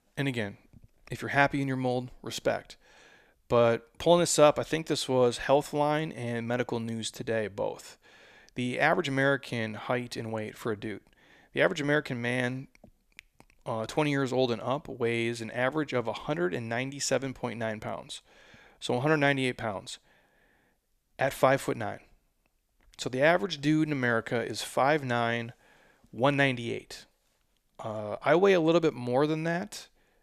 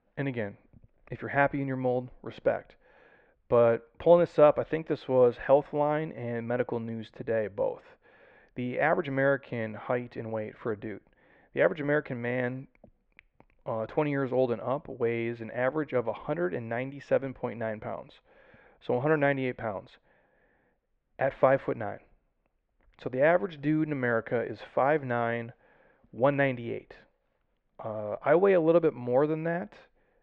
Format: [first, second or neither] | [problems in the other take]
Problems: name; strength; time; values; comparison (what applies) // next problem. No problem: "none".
first | muffled; very; fading above 2 kHz